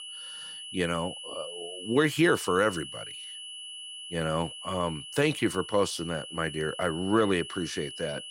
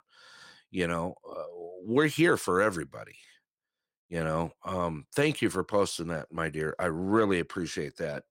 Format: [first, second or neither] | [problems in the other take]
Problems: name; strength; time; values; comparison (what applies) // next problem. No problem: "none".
second | high-pitched whine; noticeable; throughout; 3 kHz, 10 dB below the speech